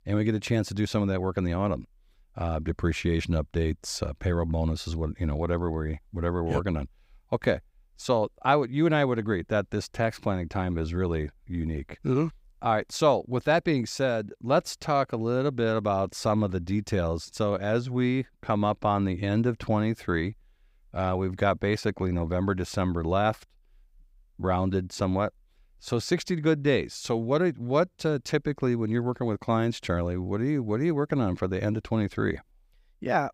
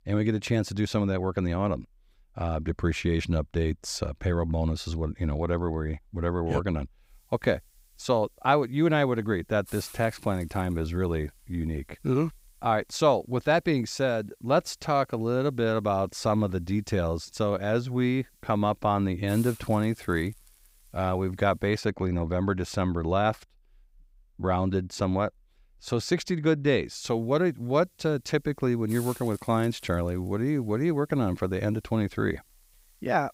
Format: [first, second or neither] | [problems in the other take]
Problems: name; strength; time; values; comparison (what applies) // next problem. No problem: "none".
first | hiss; faint; from 7 to 22 s and from 27 s on; 25 dB below the speech